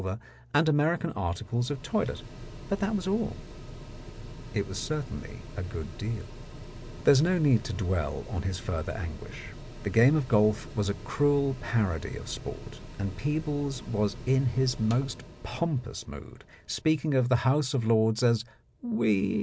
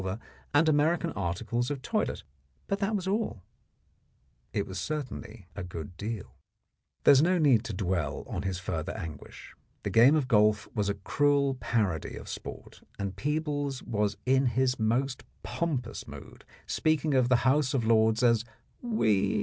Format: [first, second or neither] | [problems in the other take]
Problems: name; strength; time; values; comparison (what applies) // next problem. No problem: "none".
second | background sound (Mechanical fan); 14 dB below the speech